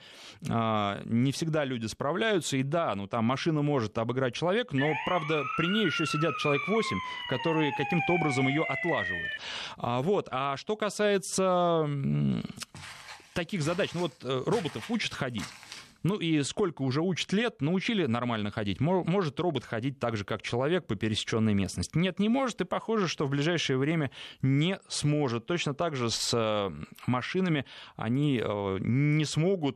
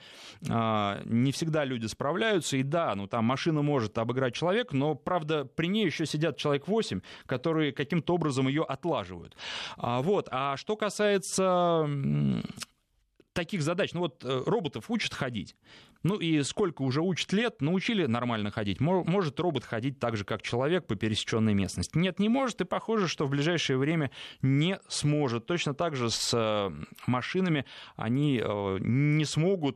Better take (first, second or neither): second